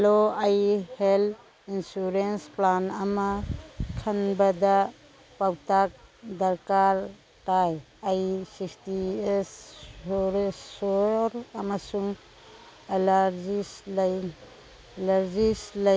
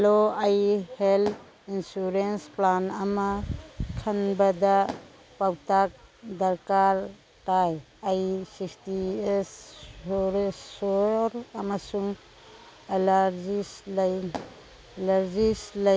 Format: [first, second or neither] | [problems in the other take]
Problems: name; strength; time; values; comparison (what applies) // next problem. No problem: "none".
first | background sound (Fireworks); 16 dB below the speech